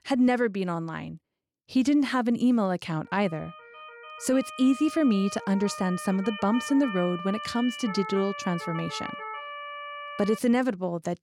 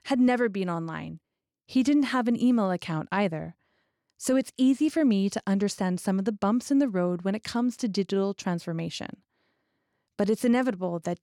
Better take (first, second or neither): second